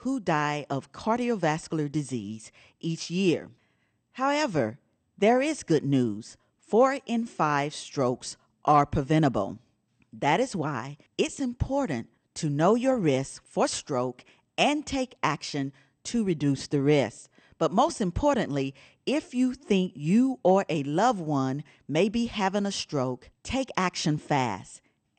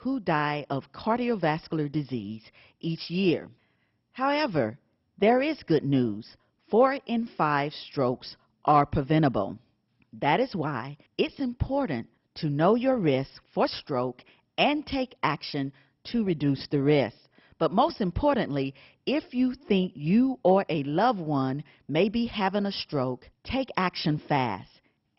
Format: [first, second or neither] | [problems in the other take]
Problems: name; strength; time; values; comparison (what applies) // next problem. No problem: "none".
first | garbled, watery; badly; nothing above 5.5 kHz; slightly in the first